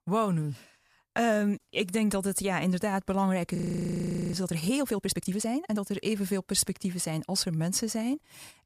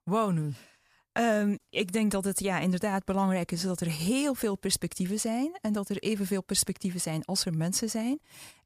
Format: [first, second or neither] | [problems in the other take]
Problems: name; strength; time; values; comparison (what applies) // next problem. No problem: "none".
second | audio freezing; at 3.5 s for 1 s